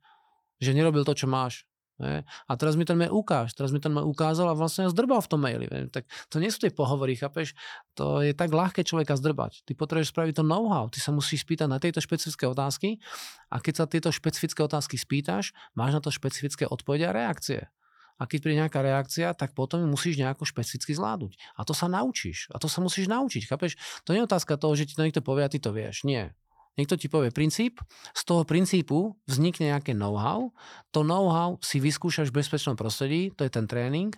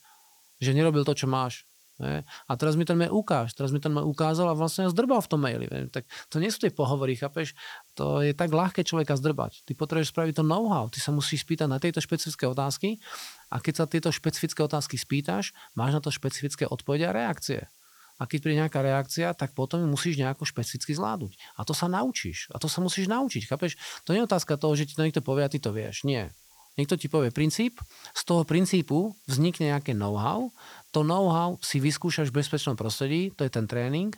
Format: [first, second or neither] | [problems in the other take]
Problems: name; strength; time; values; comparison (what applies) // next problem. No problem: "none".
first | hiss; faint; throughout; 25 dB below the speech